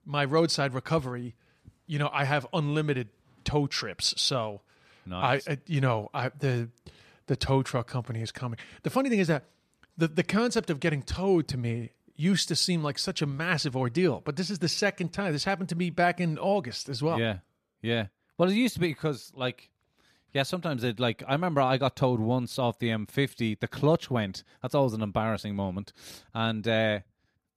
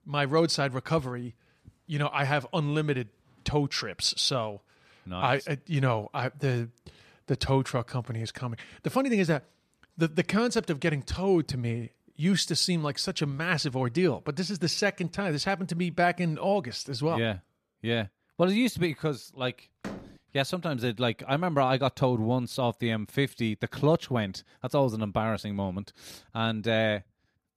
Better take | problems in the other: first | door banging; faint; at 20 s; peak 10 dB below the speech

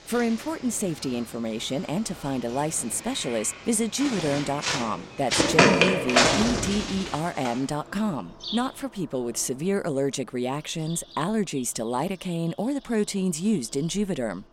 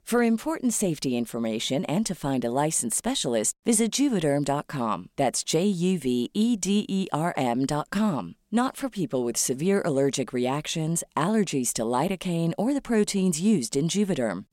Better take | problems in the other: second | animal sounds; very loud; throughout; 3 dB above the speech

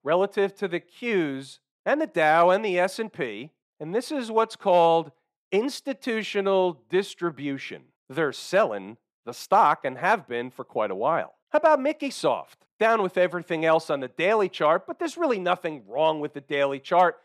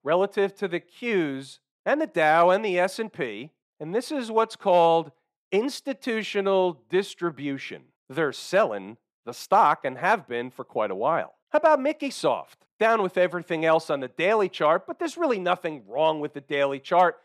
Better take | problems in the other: neither | none

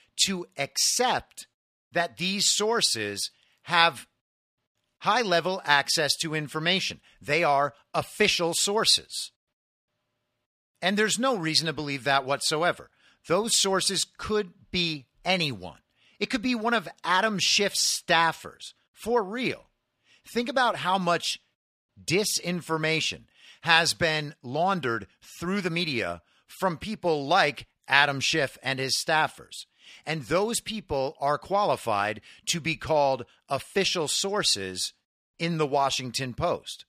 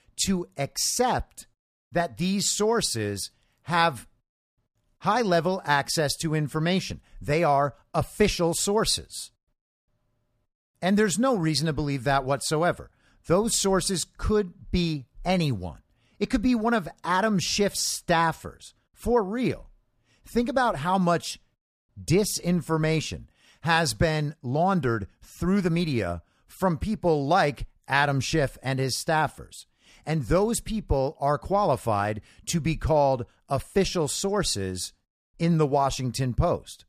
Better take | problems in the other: second | thin; very slightly; fading below 300 Hz

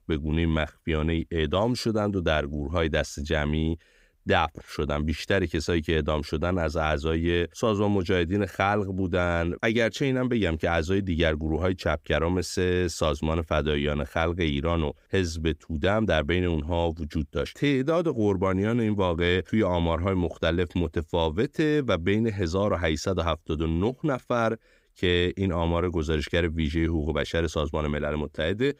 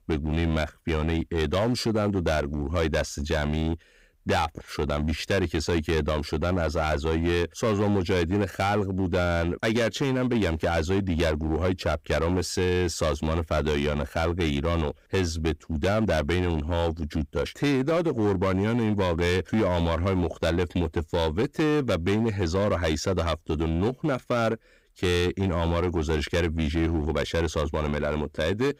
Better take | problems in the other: first | distortion; slight; 12% of the sound clipped

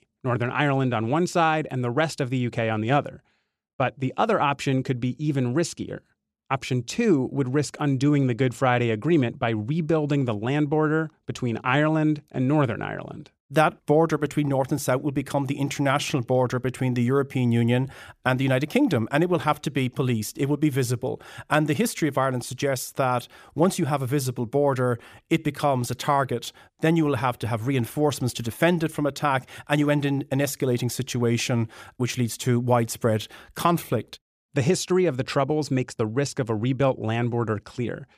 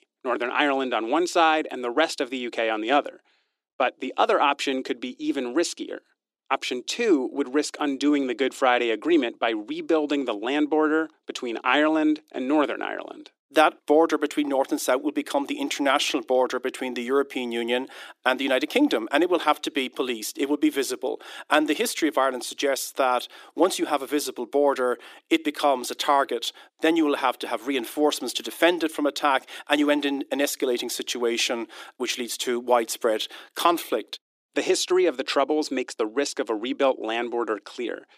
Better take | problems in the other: first | thin; somewhat; fading below 300 Hz

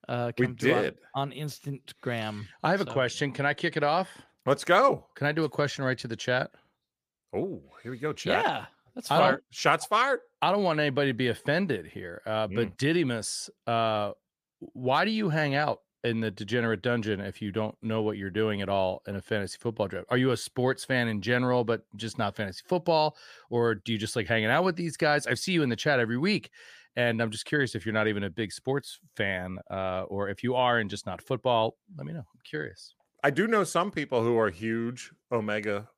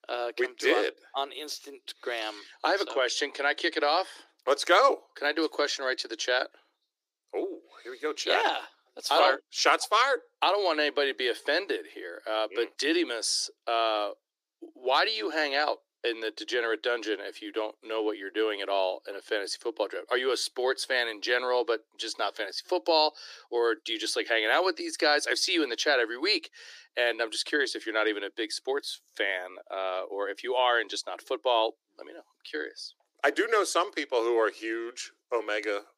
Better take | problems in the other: first | thin; very; fading below 300 Hz

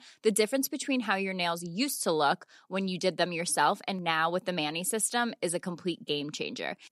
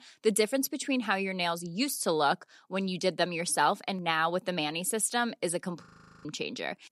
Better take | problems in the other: first | audio freezing; at 6 s

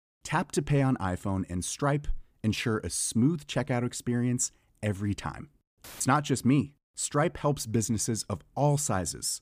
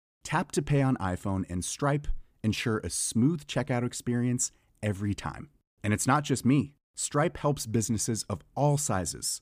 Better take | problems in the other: second | audio cutting out; filled with static; at 6 s

